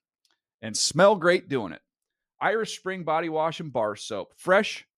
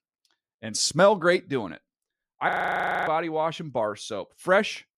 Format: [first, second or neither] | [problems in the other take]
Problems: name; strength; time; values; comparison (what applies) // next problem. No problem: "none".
first | audio freezing; at 2.5 s for 0.5 s